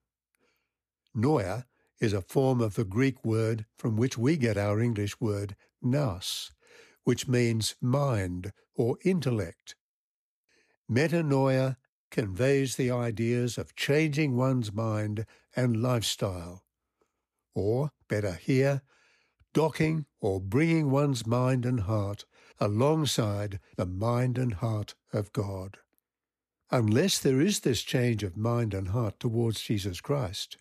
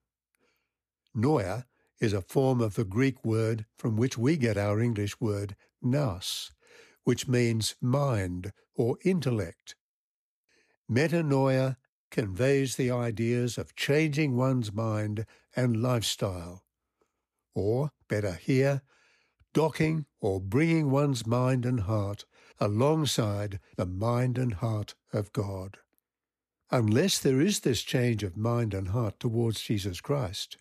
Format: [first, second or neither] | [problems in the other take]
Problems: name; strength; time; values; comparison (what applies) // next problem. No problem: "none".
neither | none